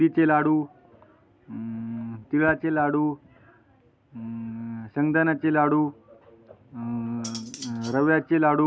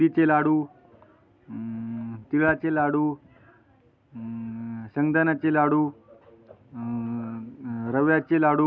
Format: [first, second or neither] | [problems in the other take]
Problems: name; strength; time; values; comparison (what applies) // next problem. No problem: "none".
second | background sound (Cutlery, silverware); 18 dB below the speech